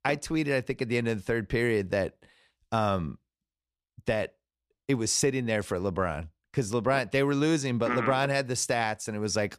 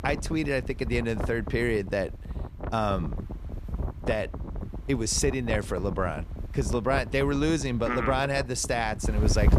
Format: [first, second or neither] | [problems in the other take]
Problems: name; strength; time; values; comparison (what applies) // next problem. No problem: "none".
first | wind noise on the microphone; occasional gusts; 15 dB below the speech